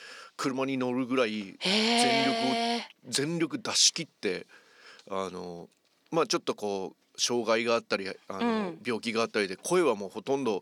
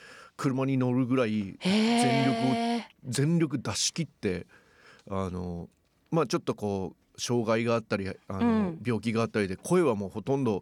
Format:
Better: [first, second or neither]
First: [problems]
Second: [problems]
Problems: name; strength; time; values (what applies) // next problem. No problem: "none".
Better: second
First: thin; very slightly; fading below 300 Hz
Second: none